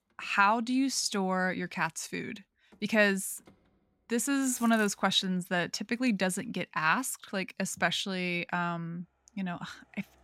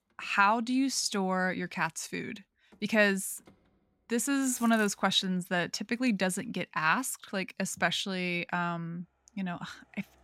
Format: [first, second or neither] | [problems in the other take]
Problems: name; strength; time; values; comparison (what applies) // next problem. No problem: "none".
neither | traffic noise; faint; throughout; 20 dB below the speech; the same in both